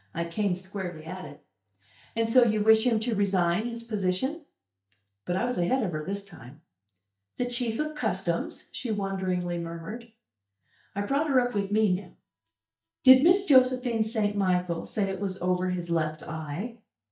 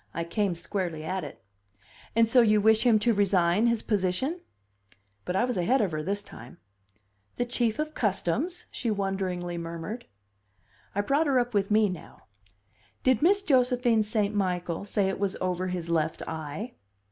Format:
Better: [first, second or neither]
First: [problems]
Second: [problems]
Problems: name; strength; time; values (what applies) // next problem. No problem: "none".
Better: second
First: noise reduction (neural mask model DeepFilterNet 3)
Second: none